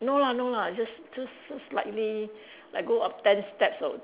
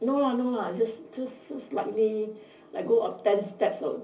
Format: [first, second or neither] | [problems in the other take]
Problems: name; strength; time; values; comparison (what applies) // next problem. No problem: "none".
first | room echo; dies away in 0.5 s